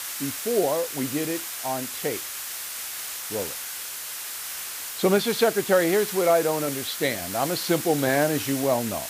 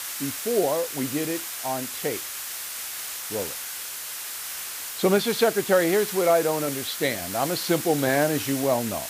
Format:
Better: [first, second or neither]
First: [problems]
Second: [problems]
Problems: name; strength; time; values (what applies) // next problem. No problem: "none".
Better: neither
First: hiss; loud; throughout; 6 dB below the speech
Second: hiss; loud; throughout; 6 dB below the speech